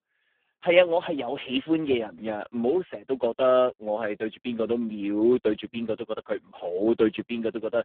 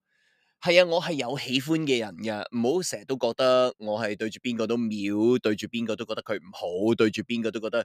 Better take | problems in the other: second | phone-call audio; poor line

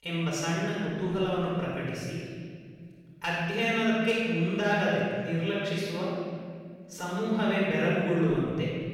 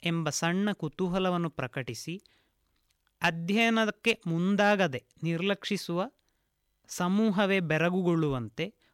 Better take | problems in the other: second | off-mic speech; far // room echo; strong; dies away in 2 s

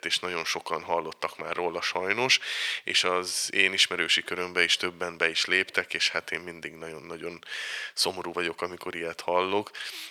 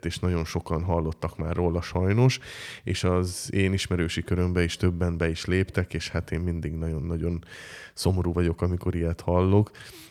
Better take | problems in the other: second | thin; very; fading below 550 Hz

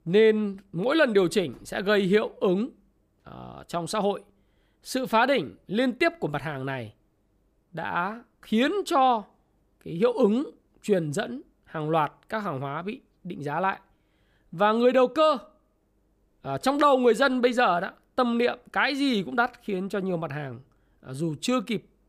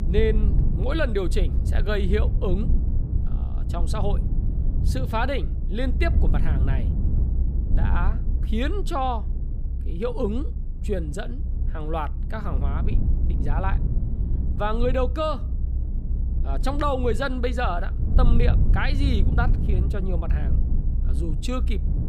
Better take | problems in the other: first | low rumble; noticeable; throughout; 10 dB below the speech

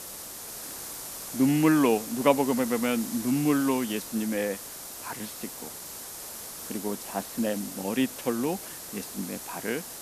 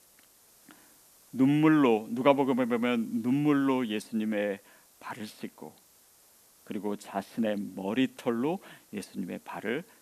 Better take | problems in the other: second | hiss; loud; throughout; 10 dB below the speech; faint in the second

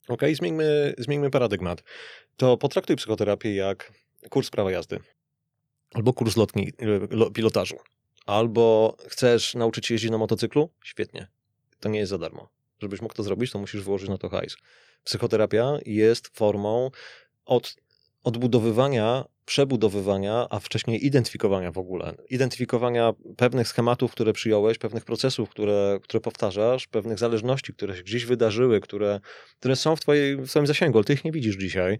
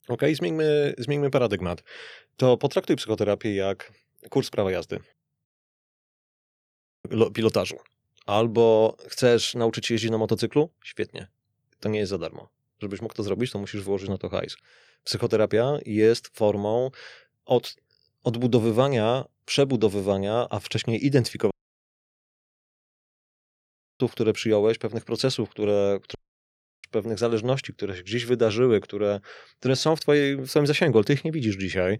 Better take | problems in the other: first | audio cutting out; at 5.5 s for 1.5 s, at 22 s for 2.5 s and at 26 s for 0.5 s

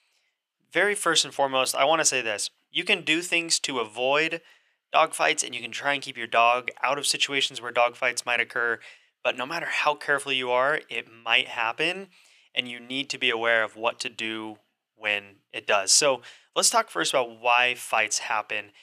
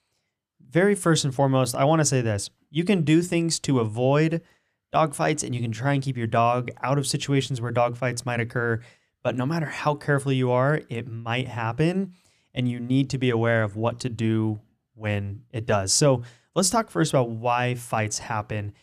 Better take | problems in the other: second | thin; very; fading below 600 Hz

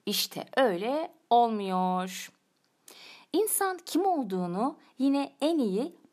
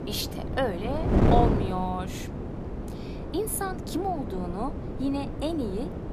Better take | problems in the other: first | wind noise on the microphone; heavy; 4 dB below the speech

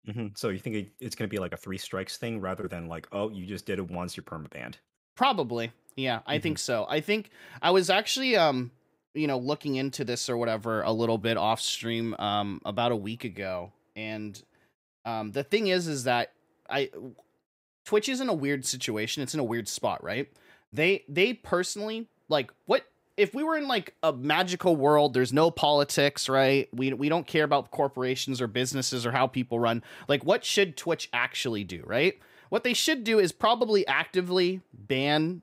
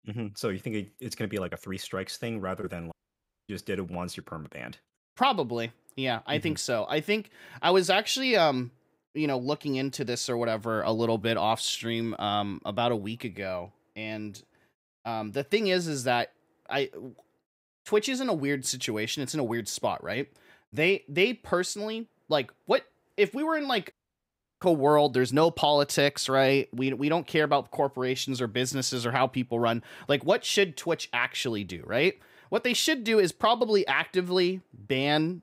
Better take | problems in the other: first | audio cutting out; at 3 s for 0.5 s and at 24 s for 0.5 s

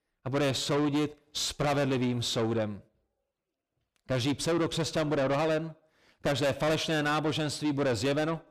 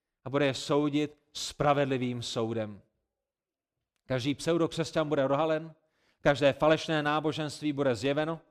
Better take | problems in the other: second | distortion; heavy; 7 dB below the speech

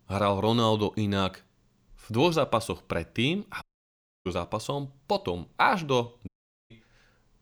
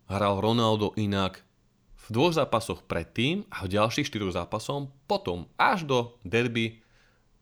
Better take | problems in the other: second | audio cutting out; at 3.5 s for 0.5 s and at 6.5 s

